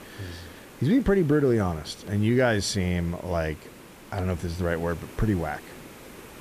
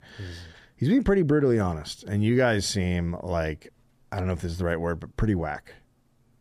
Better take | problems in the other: second | hiss; noticeable; throughout; 20 dB below the speech

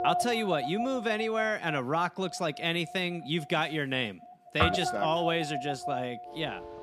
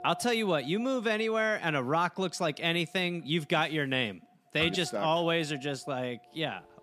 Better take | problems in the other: second | background music; loud; throughout; 5 dB below the speech; faint in the second

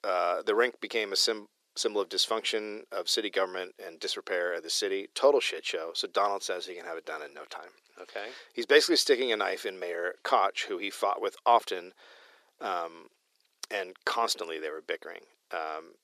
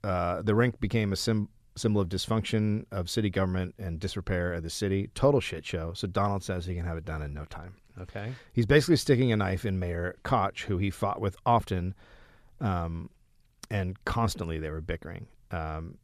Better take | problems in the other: second | thin; very; fading below 350 Hz

